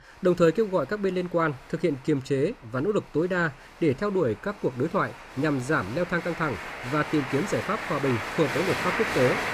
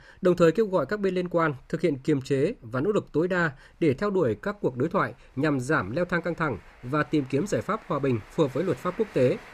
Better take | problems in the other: second | crowd noise; loud; throughout; 5 dB below the speech; faint in the second

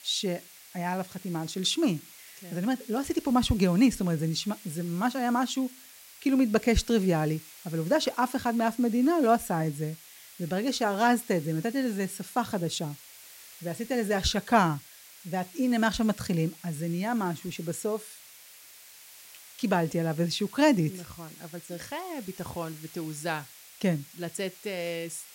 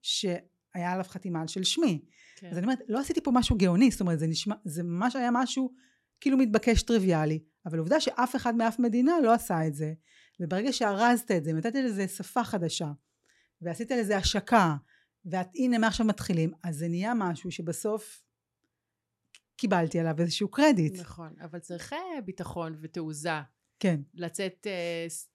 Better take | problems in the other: second | hiss; noticeable; throughout; 20 dB below the speech

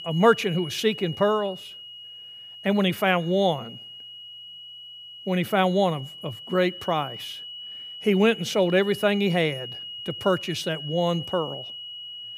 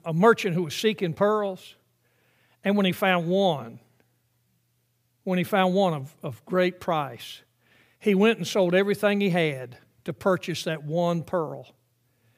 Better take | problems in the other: second | high-pitched whine; noticeable; throughout; 3 kHz, 10 dB below the speech

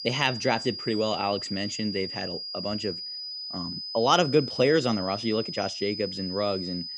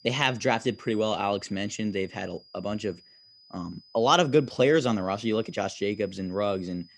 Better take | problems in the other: second | high-pitched whine; loud; throughout; 5 kHz, 6 dB below the speech; faint in the second

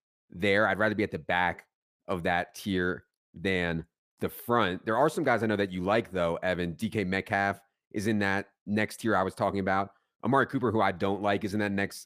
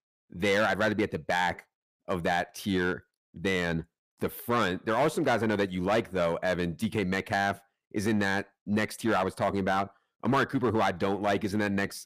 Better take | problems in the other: first | distortion; slight; 5% of the sound clipped

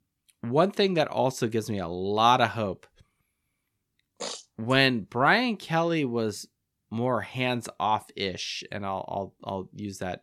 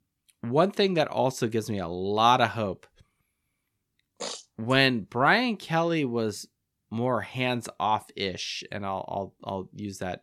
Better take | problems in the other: neither | none

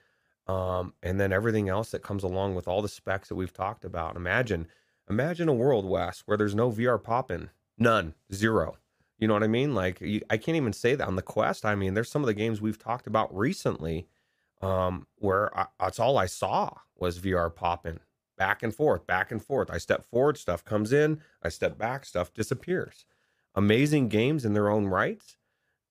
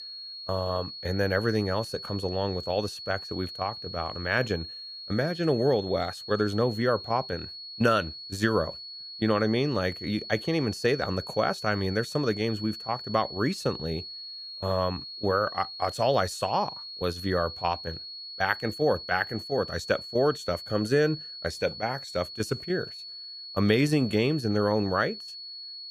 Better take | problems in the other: first | high-pitched whine; loud; throughout; 4.5 kHz, 10 dB below the speech

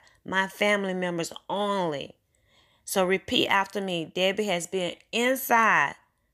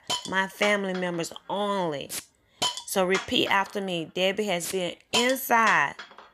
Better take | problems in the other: first | hiss; loud; throughout; 7 dB below the speech

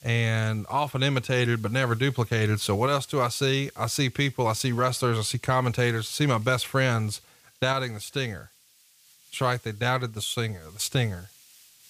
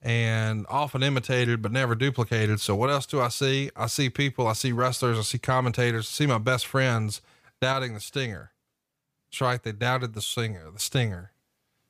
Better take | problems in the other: second | hiss; faint; throughout; 25 dB below the speech

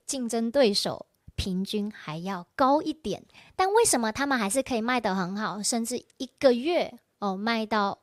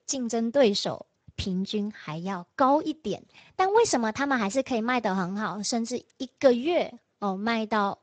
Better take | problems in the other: first | garbled, watery; slightly; nothing above 8 kHz

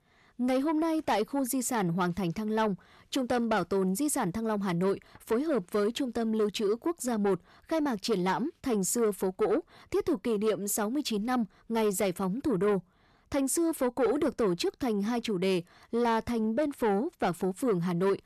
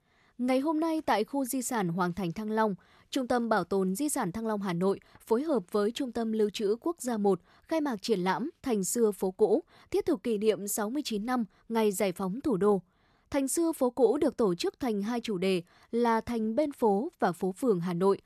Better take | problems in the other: second | distortion; slight; 10 dB below the speech

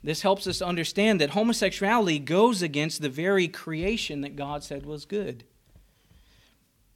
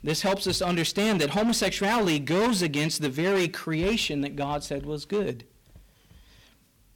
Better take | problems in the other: first | distortion; heavy; 14% of the sound clipped

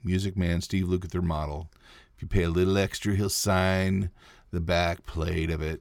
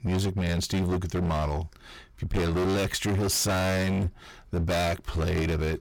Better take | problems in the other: first | distortion; heavy; 31% of the sound clipped

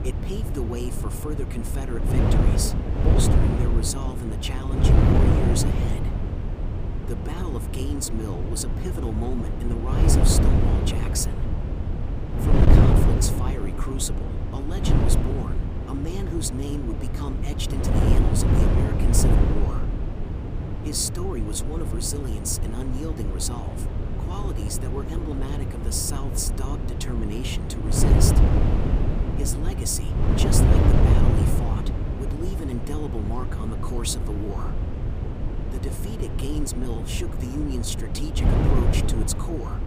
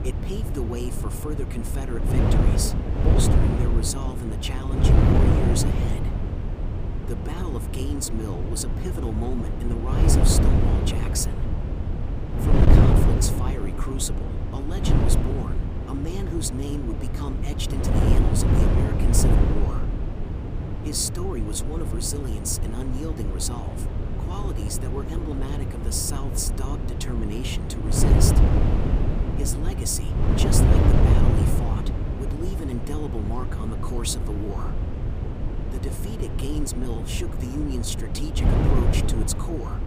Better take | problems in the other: neither | wind noise on the microphone; heavy; as loud as the speech; the same in both

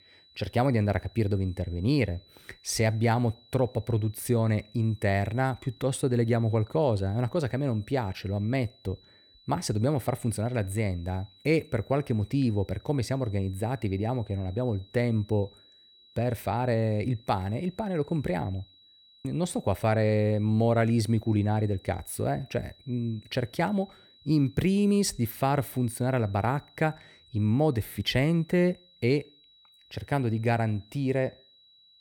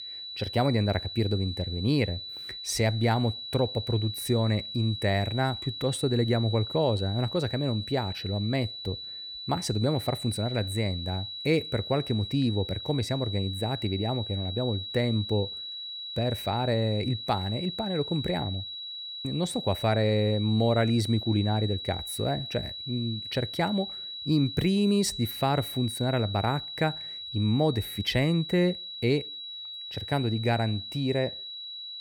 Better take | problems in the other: first | high-pitched whine; loud; throughout; 4 kHz, 7 dB below the speech; faint in the first

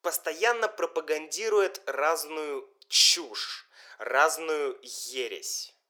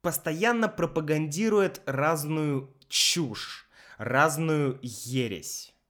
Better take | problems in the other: second | thin; very; fading below 400 Hz

